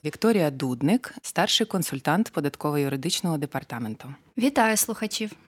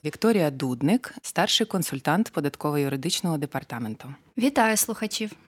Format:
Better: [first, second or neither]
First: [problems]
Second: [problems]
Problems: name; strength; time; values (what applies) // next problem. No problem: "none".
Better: neither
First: none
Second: none